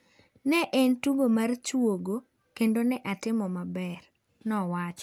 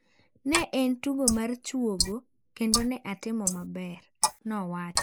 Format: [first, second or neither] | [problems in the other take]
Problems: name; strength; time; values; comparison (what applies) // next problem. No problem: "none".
first | noise reduction (neural mask model Resemble Enhance denoiser)